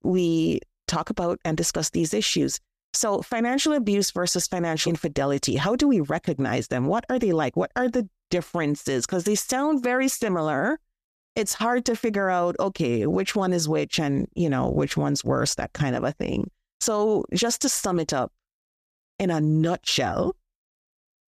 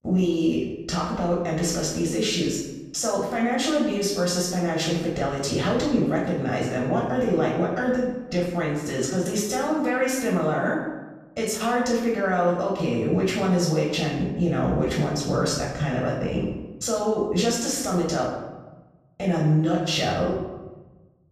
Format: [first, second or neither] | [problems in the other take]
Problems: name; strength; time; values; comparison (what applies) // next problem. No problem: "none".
first | off-mic speech; far // room echo; noticeable; dies away in 0.9 s